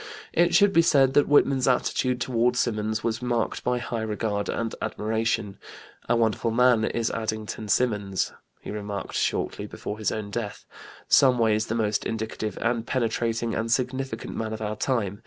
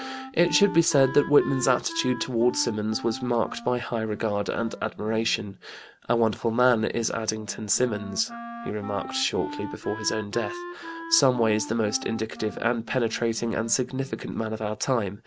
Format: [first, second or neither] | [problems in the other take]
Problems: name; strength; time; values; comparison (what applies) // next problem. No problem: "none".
first | background sound (Wind instrument, woodwind instrument); 14 dB below the speech